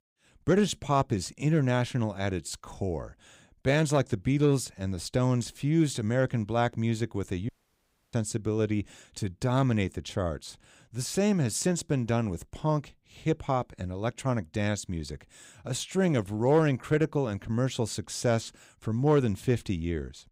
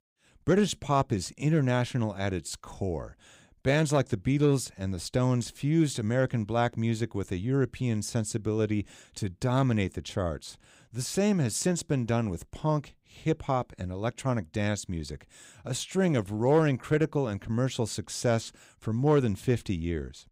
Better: second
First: audio cutting out; at 7.5 s for 0.5 s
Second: none

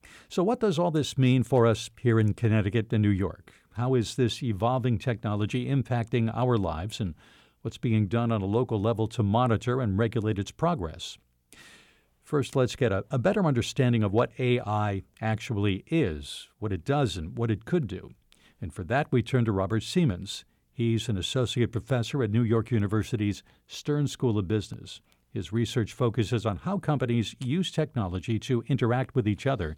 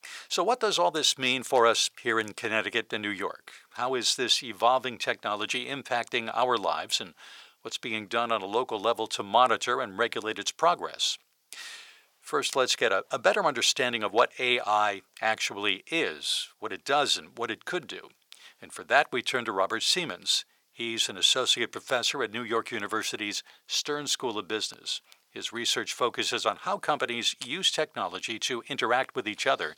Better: first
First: none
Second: thin; very; fading below 750 Hz

